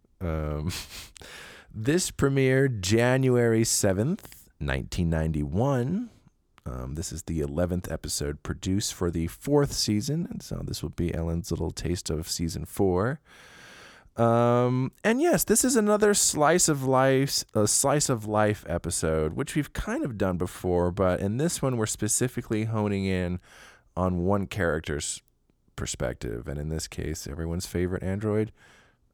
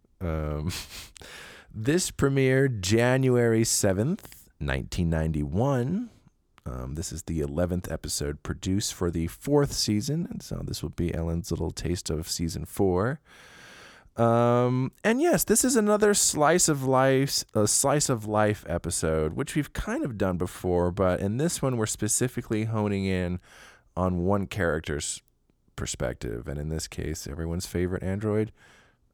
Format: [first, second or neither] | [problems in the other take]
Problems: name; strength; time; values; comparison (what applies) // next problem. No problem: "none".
neither | none